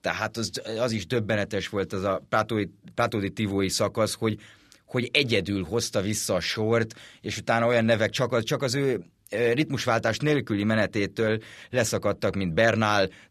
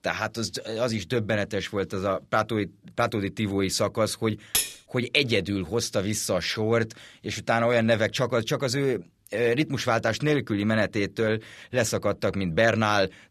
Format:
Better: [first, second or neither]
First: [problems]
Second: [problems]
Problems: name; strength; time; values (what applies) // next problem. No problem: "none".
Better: first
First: none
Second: clattering dishes; loud; at 4.5 s; peak level with the speech